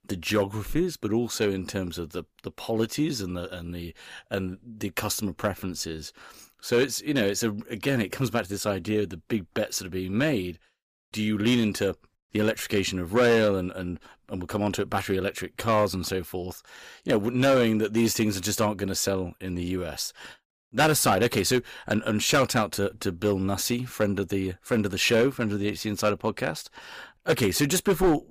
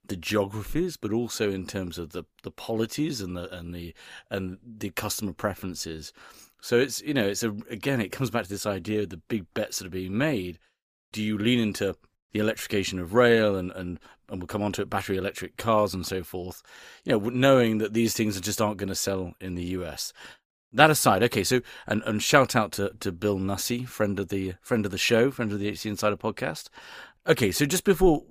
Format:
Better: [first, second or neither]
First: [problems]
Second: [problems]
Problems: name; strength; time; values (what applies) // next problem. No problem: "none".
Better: second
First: distortion; slight; 3% of the sound clipped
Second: none